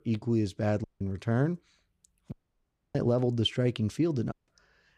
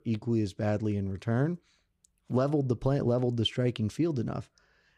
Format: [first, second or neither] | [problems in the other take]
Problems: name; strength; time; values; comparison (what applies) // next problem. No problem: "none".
second | audio cutting out; at 1 s, at 2.5 s for 0.5 s and at 4.5 s